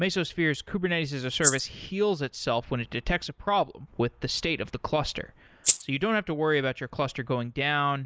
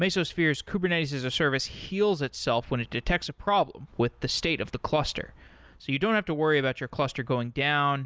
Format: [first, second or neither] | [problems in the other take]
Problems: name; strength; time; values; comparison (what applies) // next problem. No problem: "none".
second | noise reduction (neural mask model Resemble Enhance denoiser)